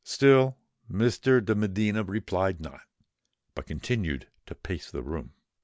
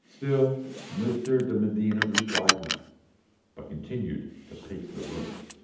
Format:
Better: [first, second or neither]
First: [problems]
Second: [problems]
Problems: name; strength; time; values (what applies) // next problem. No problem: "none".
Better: first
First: none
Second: background sound (Car); 4 dB below the speech // room echo; dies away in 0.8 s